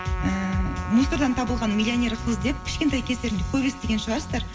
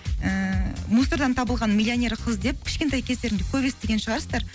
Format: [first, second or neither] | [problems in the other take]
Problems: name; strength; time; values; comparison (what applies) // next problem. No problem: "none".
second | background sound (Trumpet); 14 dB below the speech // room echo; dies away in 2.9 s